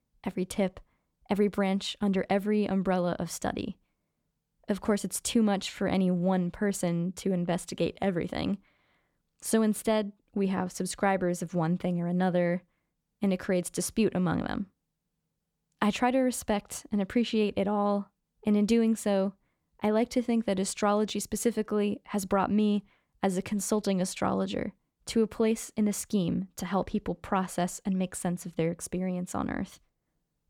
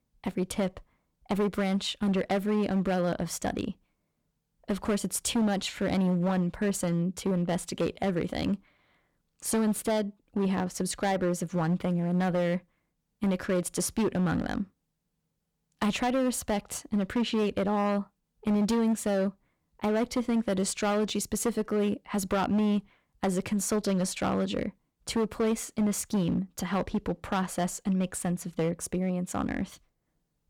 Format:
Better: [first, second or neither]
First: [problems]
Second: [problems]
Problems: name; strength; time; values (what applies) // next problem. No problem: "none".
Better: first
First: none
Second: distortion; slight; 9% of the sound clipped